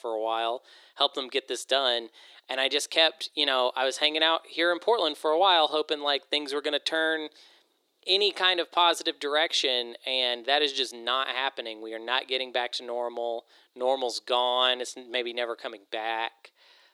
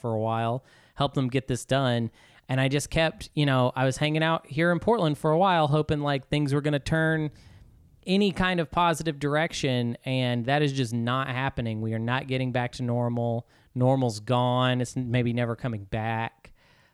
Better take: second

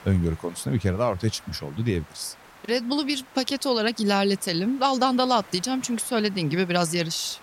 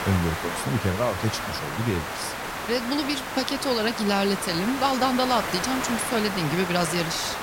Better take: first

